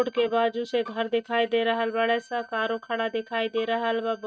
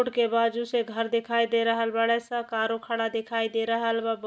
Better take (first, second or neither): second